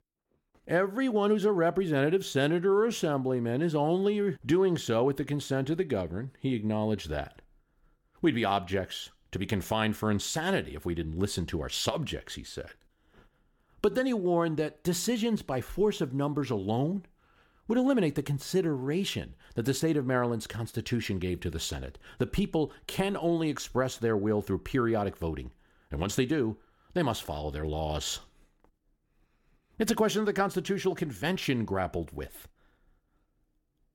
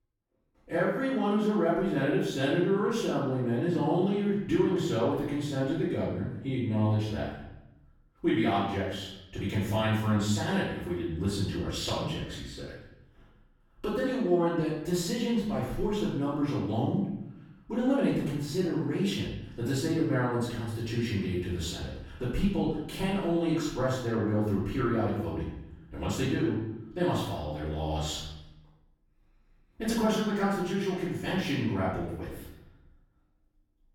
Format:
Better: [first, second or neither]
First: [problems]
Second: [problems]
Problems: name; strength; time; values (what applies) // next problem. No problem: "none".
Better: first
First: none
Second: room echo; noticeable; dies away in 0.8 s // off-mic speech; far